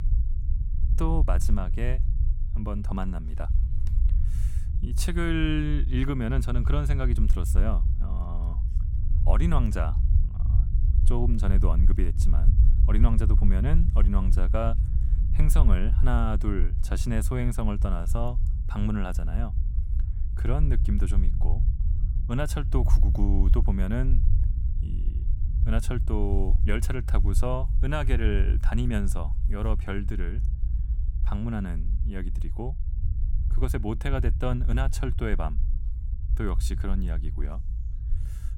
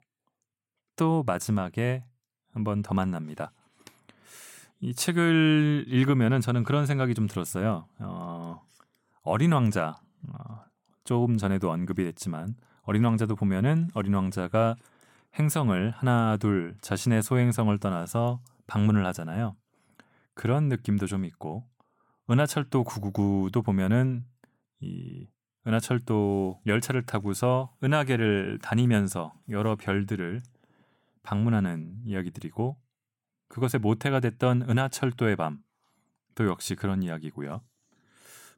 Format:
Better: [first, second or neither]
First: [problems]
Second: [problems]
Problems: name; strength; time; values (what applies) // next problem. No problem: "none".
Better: second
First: low rumble; noticeable; throughout; 10 dB below the speech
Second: none